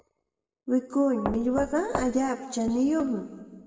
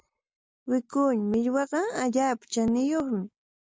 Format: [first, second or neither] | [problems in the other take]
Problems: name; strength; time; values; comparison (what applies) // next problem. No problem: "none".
second | background sound (Knock); 7 dB below the speech // room echo; dies away in 1.4 s